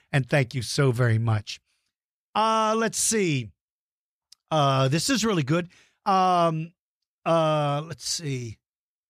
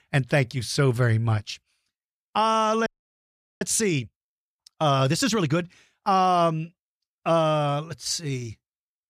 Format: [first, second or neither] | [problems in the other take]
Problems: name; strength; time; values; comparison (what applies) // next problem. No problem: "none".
first | audio freezing; at 3 s for 1 s